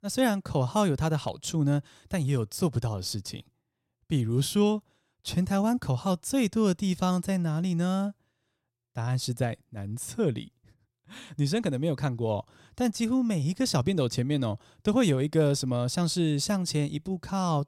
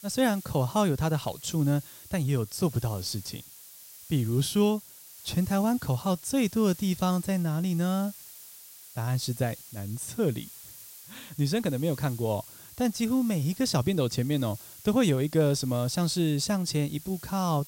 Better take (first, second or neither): first